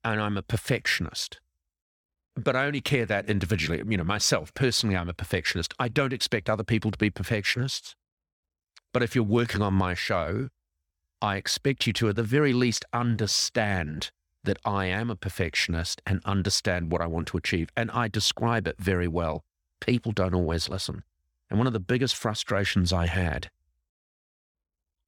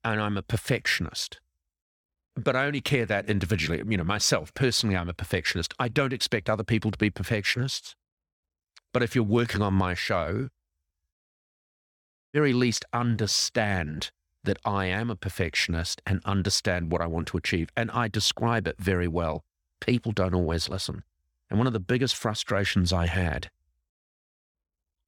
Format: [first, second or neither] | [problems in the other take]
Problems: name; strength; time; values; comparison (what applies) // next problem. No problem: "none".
first | audio cutting out; at 11 s for 1 s